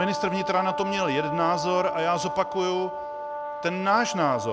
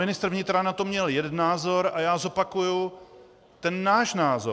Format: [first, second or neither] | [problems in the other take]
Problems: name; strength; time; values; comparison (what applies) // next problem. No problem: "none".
second | background sound (Brass instrument); 5 dB below the speech